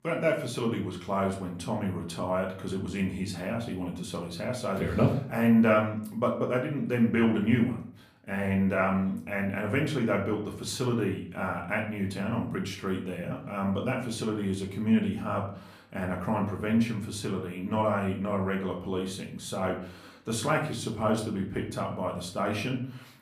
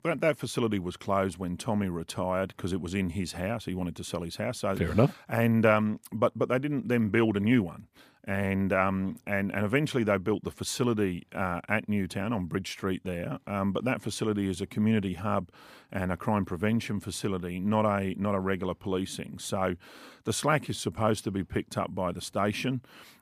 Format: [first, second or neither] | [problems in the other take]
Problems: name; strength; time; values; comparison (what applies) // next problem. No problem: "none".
second | room echo; slight; dies away in 0.4 s // off-mic speech; somewhat distant